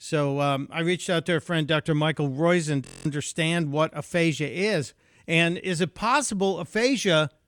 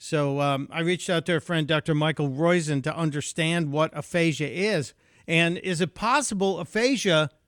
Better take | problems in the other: second | audio freezing; at 3 s

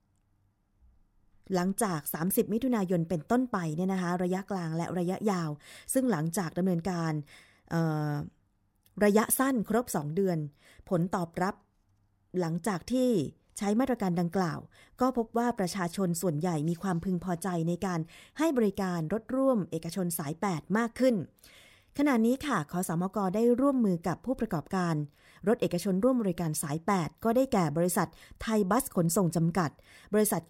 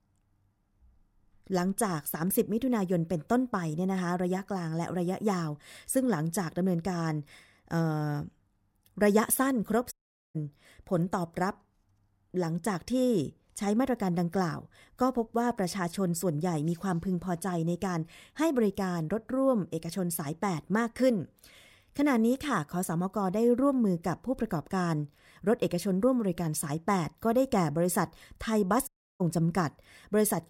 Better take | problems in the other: first | audio cutting out; at 10 s and at 29 s

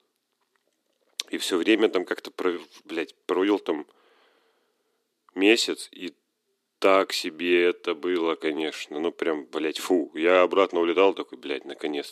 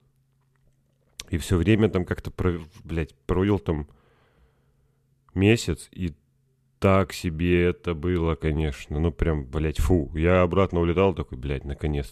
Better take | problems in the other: second | thin; somewhat; fading below 300 Hz

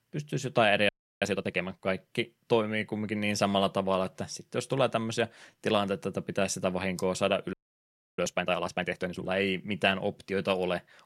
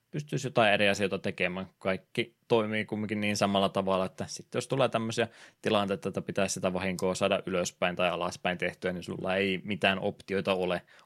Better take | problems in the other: second | audio freezing; at 1 s and at 7.5 s for 0.5 s

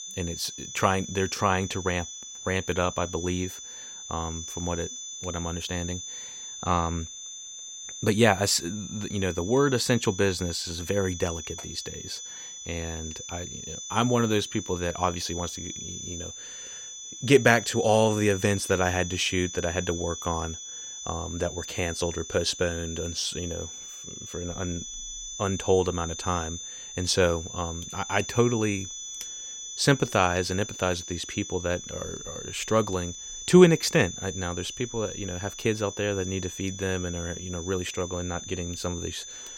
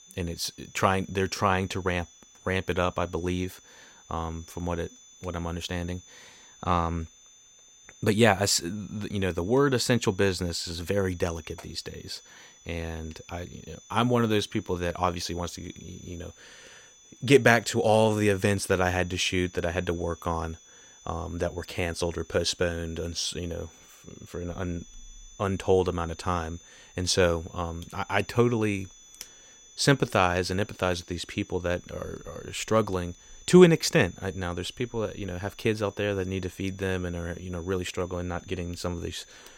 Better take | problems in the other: second | high-pitched whine; loud; throughout; 6 kHz, 9 dB below the speech; faint in the second

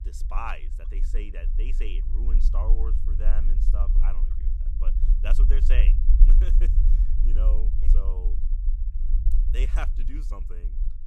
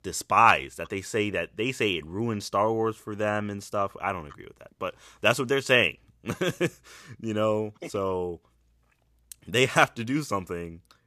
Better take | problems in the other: second | low rumble; loud; throughout; 8 dB below the speech

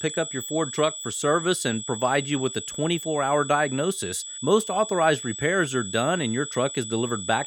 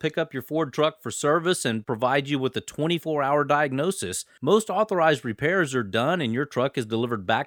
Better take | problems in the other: second | high-pitched whine; loud; throughout; 8 kHz, 8 dB below the speech

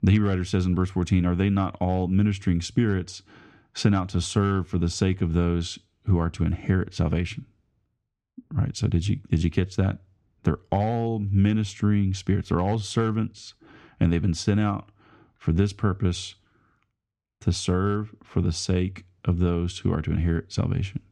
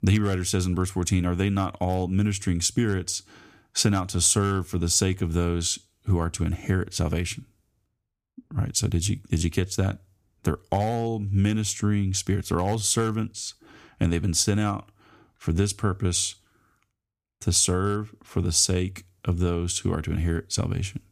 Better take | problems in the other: second | muffled; slightly; fading above 3.5 kHz

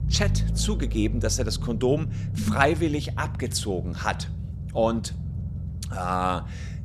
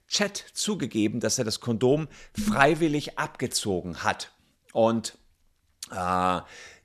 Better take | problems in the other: second | low rumble; noticeable; throughout; 15 dB below the speech

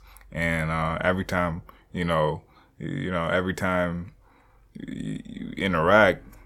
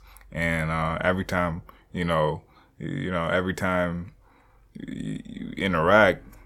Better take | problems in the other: neither | none

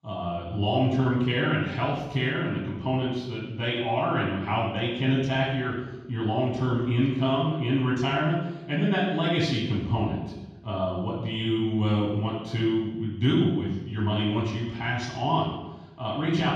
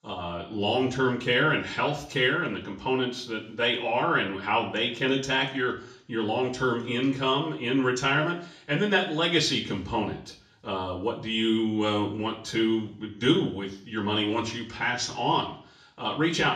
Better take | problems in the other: second | room echo; strong; dies away in 1.3 s; slight in the second // off-mic speech; far; far in the second

